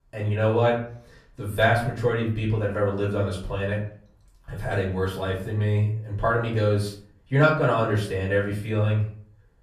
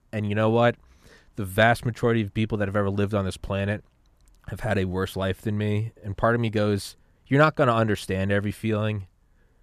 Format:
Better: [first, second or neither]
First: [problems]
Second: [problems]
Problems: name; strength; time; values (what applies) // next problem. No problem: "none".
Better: second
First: off-mic speech; far // room echo; slight; dies away in 0.4 s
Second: none